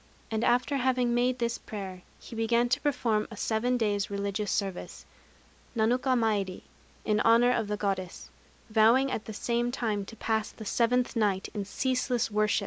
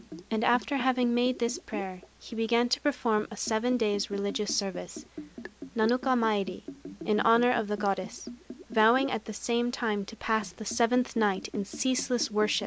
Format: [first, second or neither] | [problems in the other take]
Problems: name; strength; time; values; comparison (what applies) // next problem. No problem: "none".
first | background sound (Liquid); 15 dB below the speech